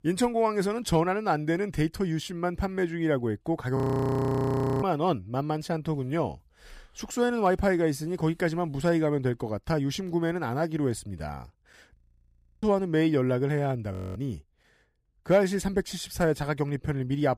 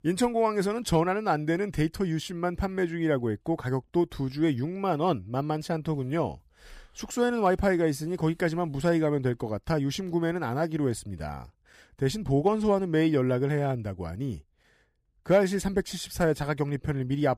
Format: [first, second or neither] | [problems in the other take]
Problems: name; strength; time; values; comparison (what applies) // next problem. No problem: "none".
second | audio freezing; at 4 s for 1 s, at 12 s for 0.5 s and at 14 s